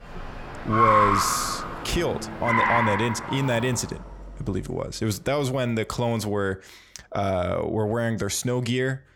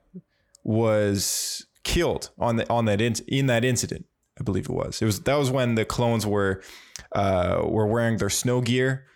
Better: second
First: traffic noise; very loud; throughout; 2 dB above the speech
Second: none

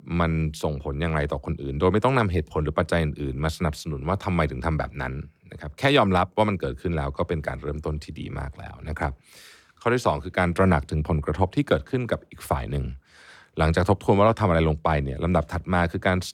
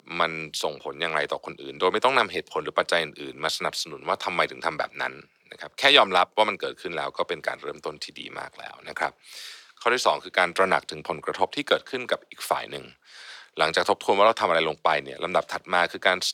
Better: first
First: none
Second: thin; very; fading below 500 Hz

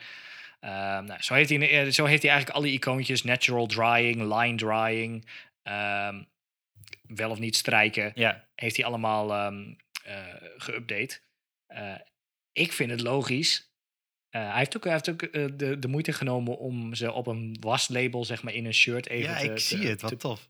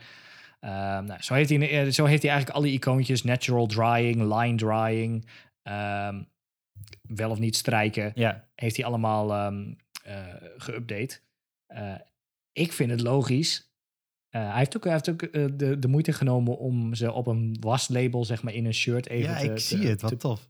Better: second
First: thin; very slightly; fading below 550 Hz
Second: none

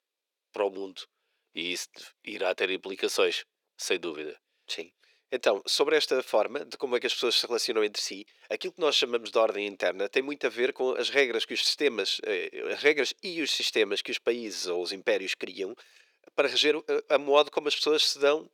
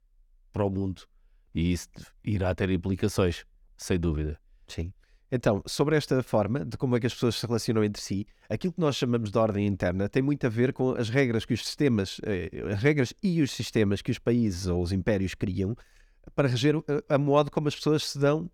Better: second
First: thin; very; fading below 400 Hz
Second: none

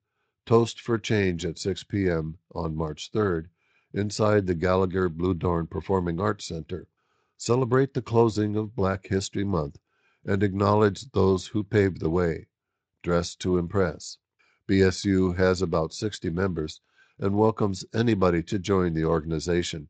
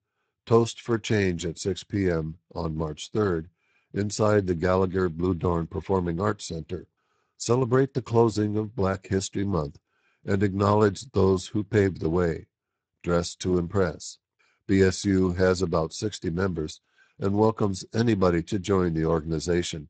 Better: first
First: garbled, watery; slightly; nothing above 8 kHz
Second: garbled, watery; badly; nothing above 8 kHz

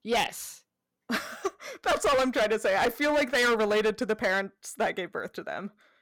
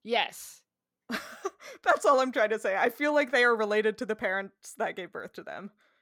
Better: second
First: distortion; heavy; 12% of the sound clipped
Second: none

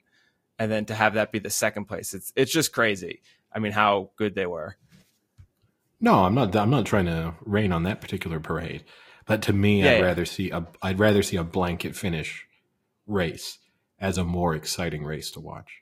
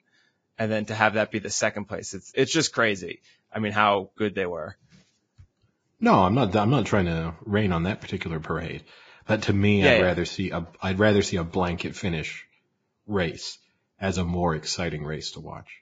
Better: first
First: garbled, watery; slightly; nothing above 15 kHz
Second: garbled, watery; badly; nothing above 7.5 kHz

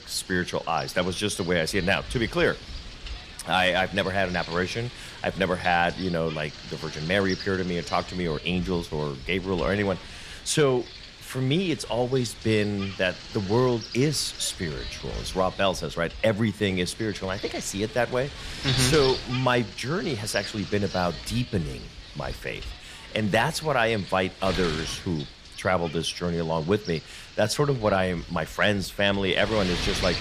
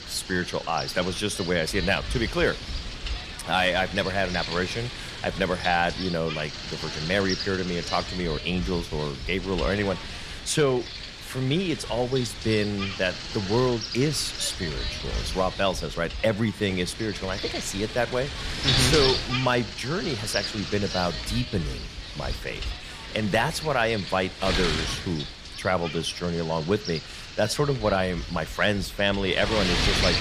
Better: first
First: wind noise on the microphone; occasional gusts; 10 dB below the speech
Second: wind noise on the microphone; heavy; 5 dB below the speech

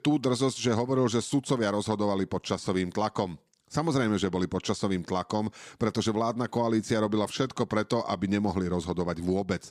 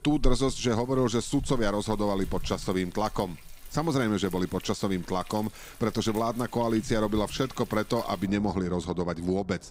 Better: first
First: none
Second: rain or running water; noticeable; throughout; 15 dB below the speech

